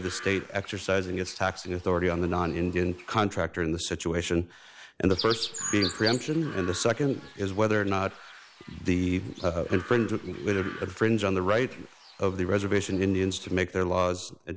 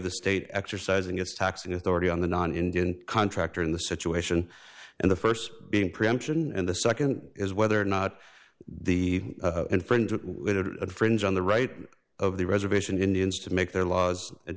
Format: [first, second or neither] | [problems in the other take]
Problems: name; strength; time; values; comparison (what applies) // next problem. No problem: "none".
second | background sound (Chirp, tweet); 15 dB below the speech